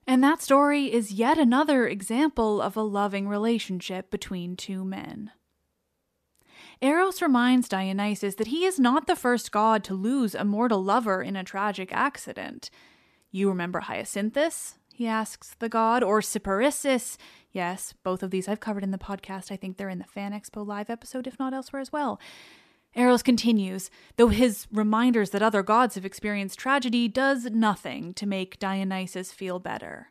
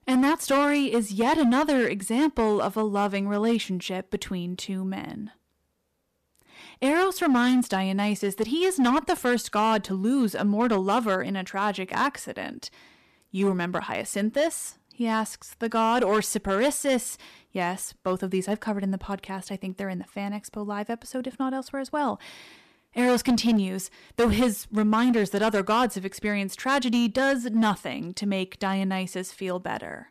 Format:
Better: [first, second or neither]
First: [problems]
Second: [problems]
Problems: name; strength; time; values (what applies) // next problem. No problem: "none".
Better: first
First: none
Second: distortion; slight; 6% of the sound clipped